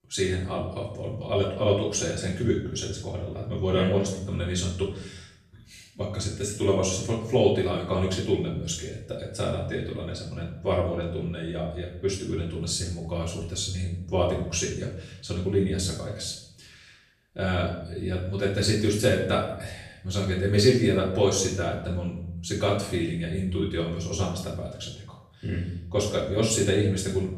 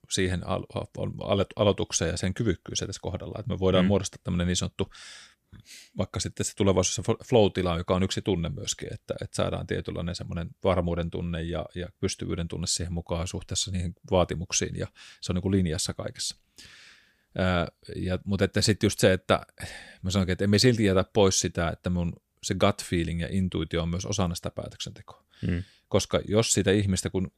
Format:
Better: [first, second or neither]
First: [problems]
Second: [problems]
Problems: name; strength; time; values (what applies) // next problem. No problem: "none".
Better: second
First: off-mic speech; far // room echo; noticeable; dies away in 0.6 s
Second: none